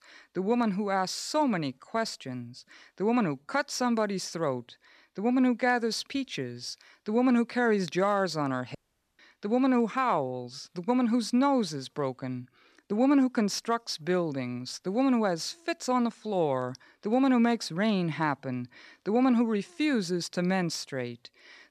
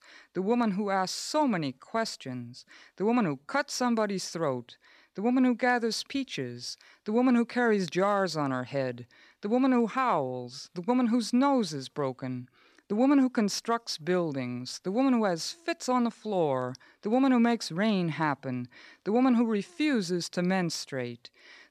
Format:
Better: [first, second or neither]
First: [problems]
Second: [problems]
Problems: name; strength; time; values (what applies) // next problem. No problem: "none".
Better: second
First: audio cutting out; at 9 s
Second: none